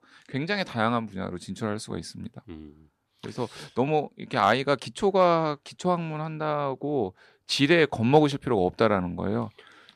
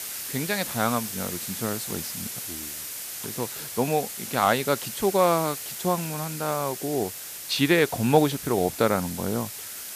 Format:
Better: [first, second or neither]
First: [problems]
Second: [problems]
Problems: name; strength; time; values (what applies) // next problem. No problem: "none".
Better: first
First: none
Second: hiss; loud; throughout; 7 dB below the speech